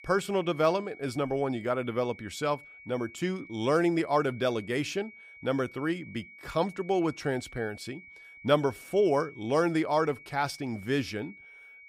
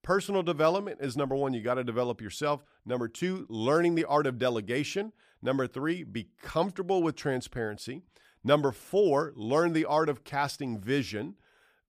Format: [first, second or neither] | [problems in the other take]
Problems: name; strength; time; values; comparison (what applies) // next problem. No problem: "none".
second | high-pitched whine; noticeable; throughout; 2.5 kHz, 20 dB below the speech